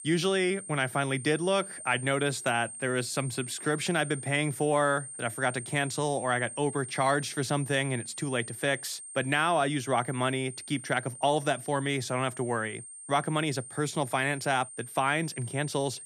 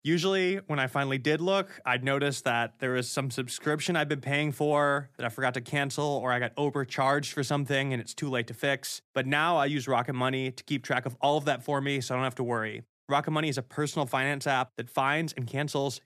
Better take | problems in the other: second | high-pitched whine; noticeable; throughout; 8.5 kHz, 10 dB below the speech

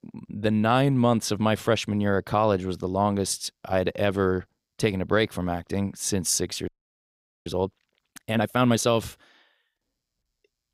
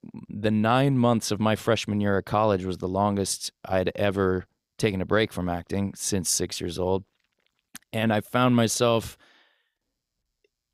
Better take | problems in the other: second | audio freezing; at 6.5 s for 1 s

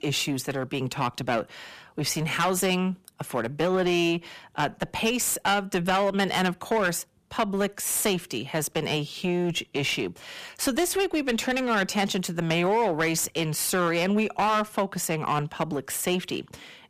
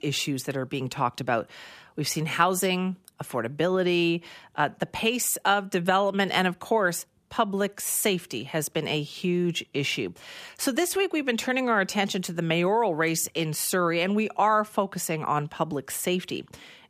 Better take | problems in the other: second | distortion; slight; 10% of the sound clipped

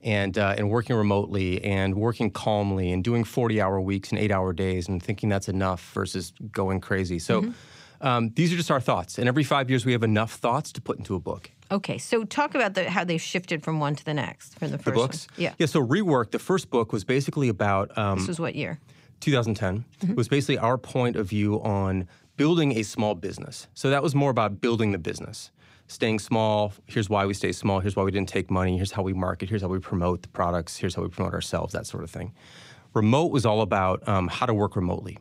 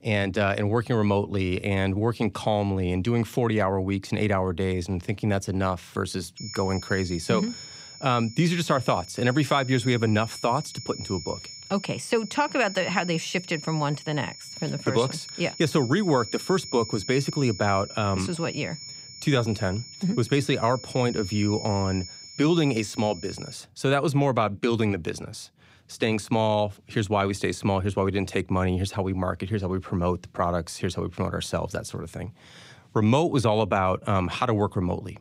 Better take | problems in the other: first | high-pitched whine; noticeable; from 6.5 to 24 s; 5.5 kHz, 15 dB below the speech

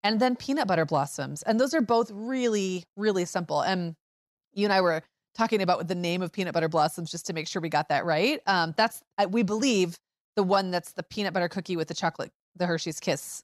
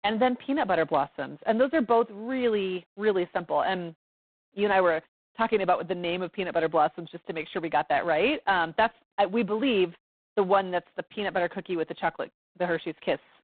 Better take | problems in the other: first | phone-call audio; poor line

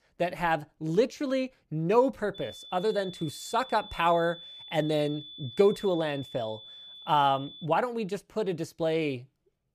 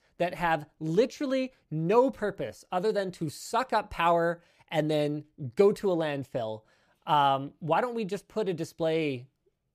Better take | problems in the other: second | high-pitched whine; noticeable; from 2.5 to 7.5 s; 3.5 kHz, 15 dB below the speech

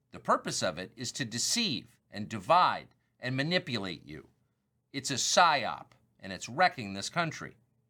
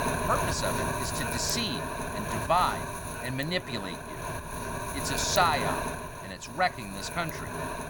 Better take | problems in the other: first | wind noise on the microphone; heavy; 4 dB below the speech

